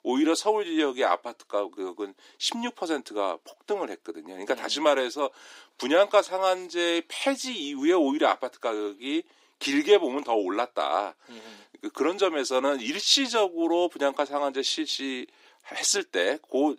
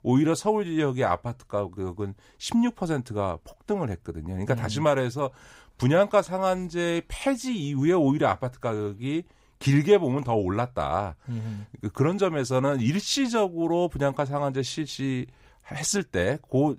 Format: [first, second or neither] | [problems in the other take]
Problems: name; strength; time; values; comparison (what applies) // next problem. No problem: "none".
second | thin; somewhat; fading below 300 Hz